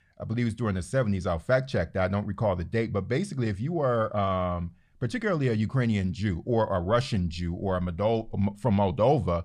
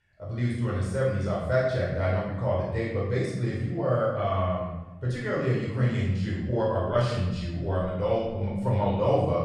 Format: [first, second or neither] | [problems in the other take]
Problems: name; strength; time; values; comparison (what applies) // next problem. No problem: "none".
first | room echo; strong; dies away in 0.9 s // off-mic speech; far